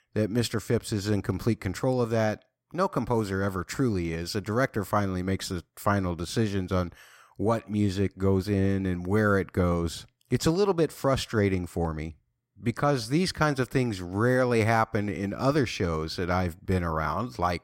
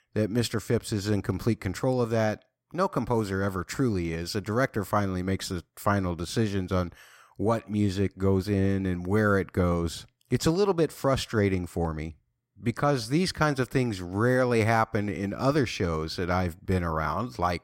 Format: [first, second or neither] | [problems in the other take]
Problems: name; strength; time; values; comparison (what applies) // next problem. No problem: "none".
neither | none